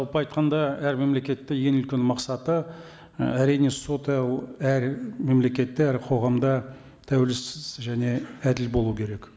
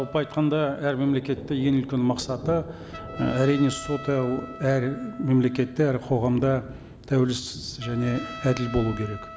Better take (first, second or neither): first